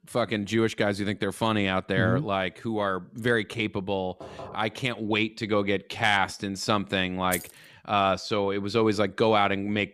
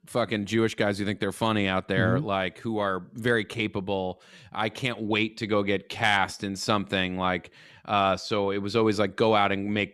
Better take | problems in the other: second | door banging; faint; at 4 s; peak 15 dB below the speech // jangling keys; noticeable; at 7.5 s; peak 8 dB below the speech

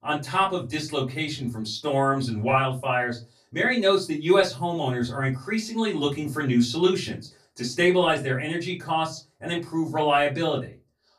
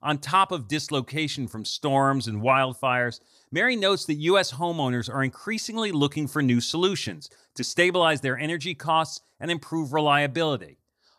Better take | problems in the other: second | off-mic speech; far // room echo; very slight; dies away in 0.2 s

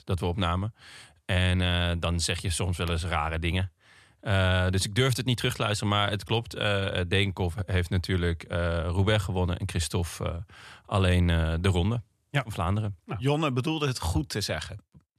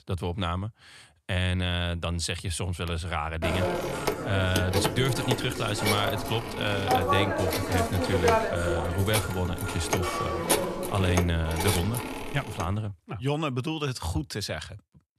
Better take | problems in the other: first | phone ringing; loud; from 3.5 to 13 s; peak 6 dB above the speech

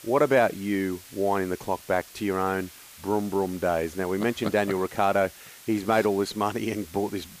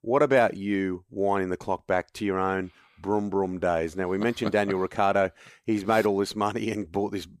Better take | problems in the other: second | hiss; noticeable; throughout; 20 dB below the speech

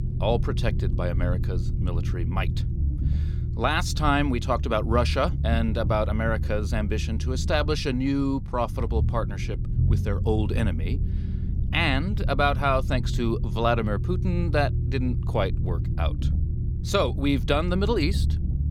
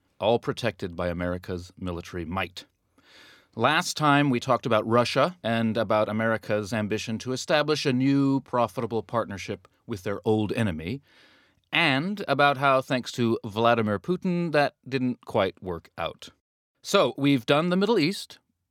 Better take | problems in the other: second | low rumble; noticeable; throughout; 15 dB below the speech

